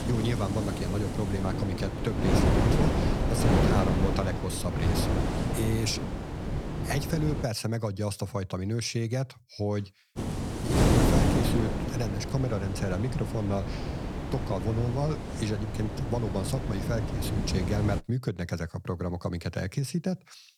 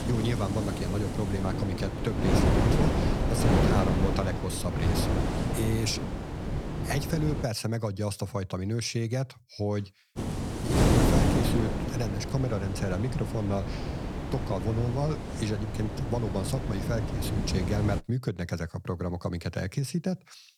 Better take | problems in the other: neither | wind noise on the microphone; heavy; until 7.5 s and from 10 to 18 s; 1 dB above the speech; the same in both

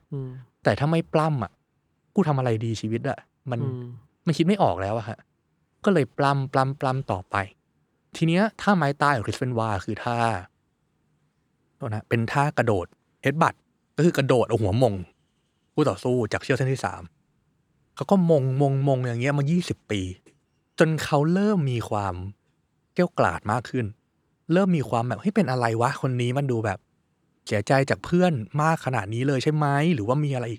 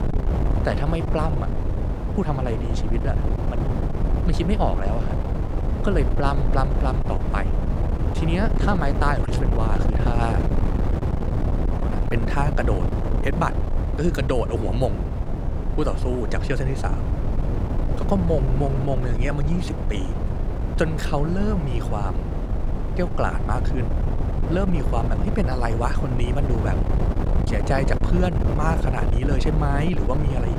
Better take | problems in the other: first | wind noise on the microphone; heavy; 5 dB below the speech

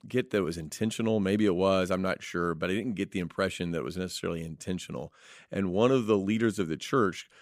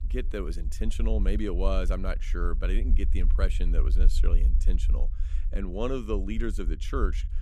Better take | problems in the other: first | low rumble; noticeable; throughout; 15 dB below the speech

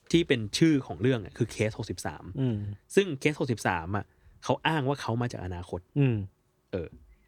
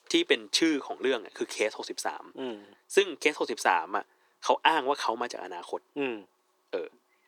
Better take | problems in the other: first | thin; very; fading below 350 Hz

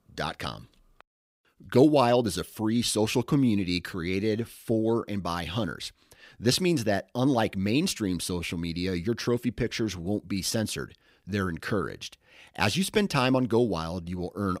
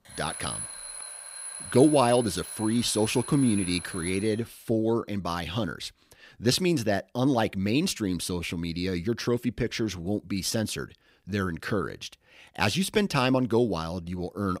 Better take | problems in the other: first | alarm; noticeable; until 4.5 s; peak 6 dB below the speech

